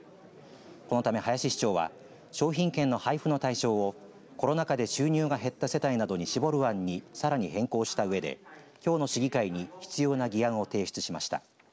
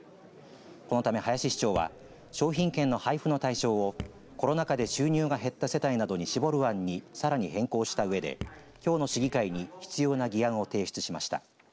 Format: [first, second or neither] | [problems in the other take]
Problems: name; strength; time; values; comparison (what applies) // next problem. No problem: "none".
first | background sound (Raindrop / Drip); 16 dB below the speech